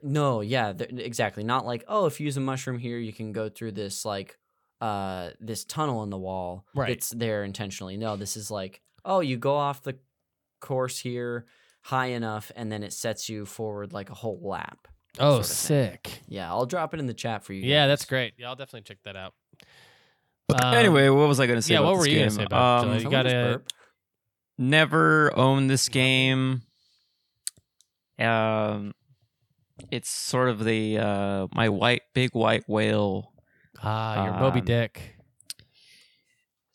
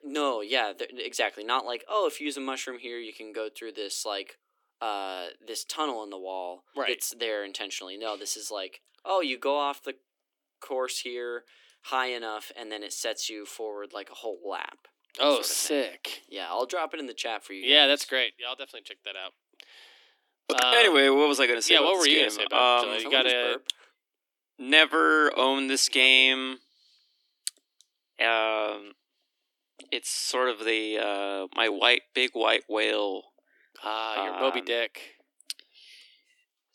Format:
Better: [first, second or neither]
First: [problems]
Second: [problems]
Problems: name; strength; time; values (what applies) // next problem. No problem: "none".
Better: first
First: none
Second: thin; somewhat; fading below 300 Hz